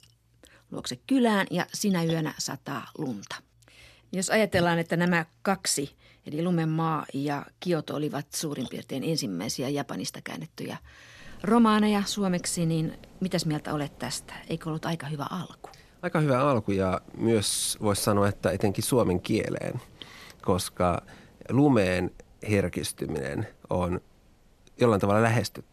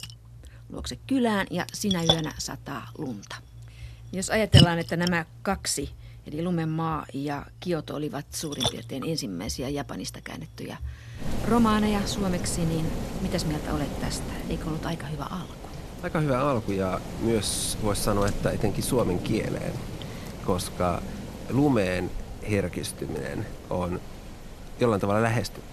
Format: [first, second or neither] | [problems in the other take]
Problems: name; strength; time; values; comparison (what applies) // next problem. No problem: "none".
first | rain or running water; loud; throughout; 3 dB below the speech; faint in the first